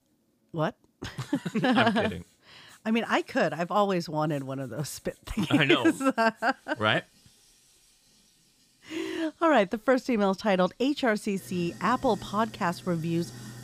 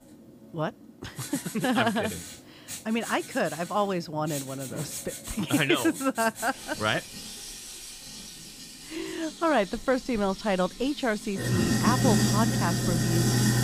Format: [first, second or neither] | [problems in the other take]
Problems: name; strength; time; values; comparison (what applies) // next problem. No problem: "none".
first | household noises; loud; throughout; 2 dB below the speech; faint in the first